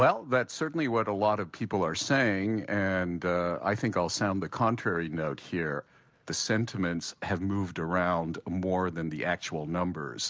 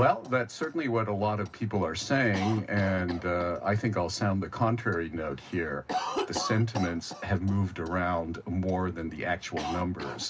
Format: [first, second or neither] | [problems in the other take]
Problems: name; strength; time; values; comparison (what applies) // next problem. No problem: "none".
first | background sound (Cough); 11 dB below the speech // room echo; dies away in 0.4 s